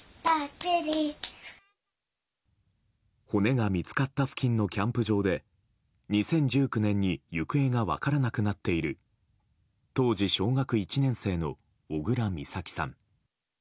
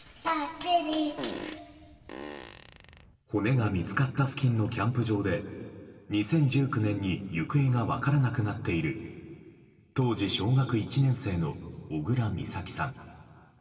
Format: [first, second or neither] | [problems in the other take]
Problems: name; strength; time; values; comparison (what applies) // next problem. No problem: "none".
first | background sound (Fart); 13 dB below the speech // room echo; dies away in 2.6 s